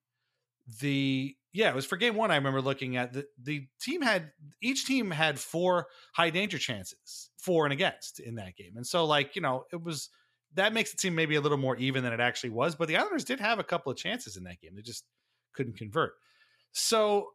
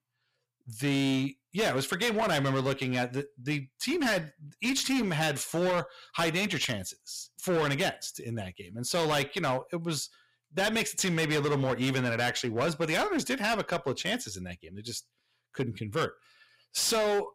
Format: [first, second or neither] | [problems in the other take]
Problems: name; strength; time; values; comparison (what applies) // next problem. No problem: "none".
first | distortion; heavy; 14% of the sound clipped